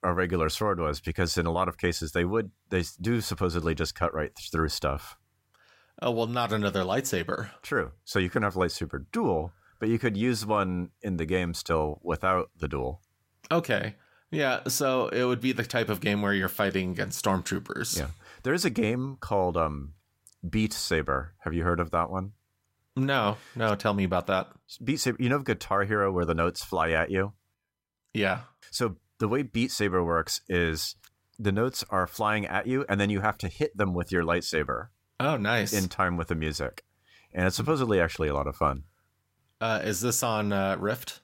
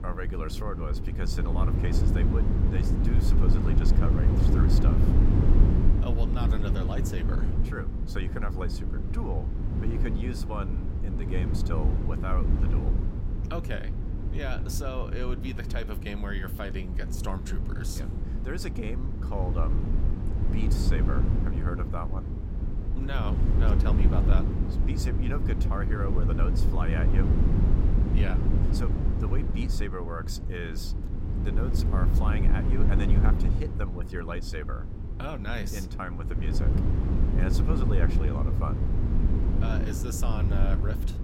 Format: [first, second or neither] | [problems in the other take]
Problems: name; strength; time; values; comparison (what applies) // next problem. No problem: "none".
first | low rumble; loud; throughout; 1 dB below the speech